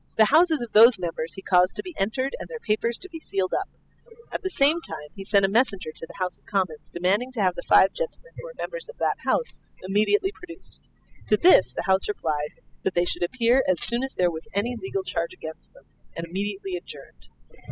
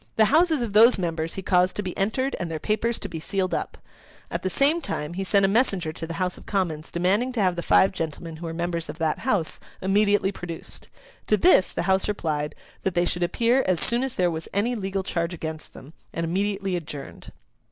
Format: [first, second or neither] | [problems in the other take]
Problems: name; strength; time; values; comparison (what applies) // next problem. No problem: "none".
second | noise reduction (classical method spectral subtraction)